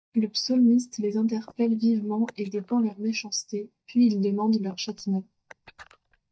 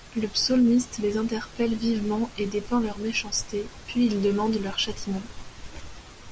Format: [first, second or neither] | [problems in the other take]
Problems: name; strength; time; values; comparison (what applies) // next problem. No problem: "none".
second | noise reduction (neural mask model DeepFilterNet 3)